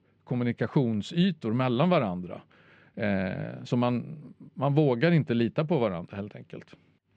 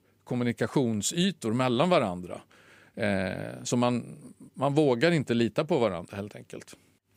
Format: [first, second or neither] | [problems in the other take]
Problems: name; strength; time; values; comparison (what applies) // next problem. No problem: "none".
second | muffled; slightly; fading above 3.5 kHz